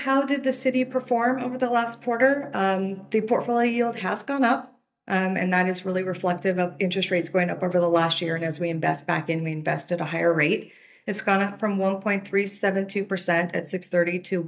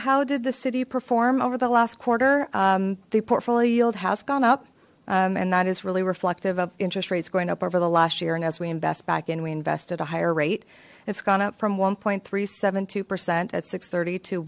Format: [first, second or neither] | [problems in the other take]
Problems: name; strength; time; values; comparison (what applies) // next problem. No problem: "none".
second | noise reduction (neural mask model DeepFilterNet 3)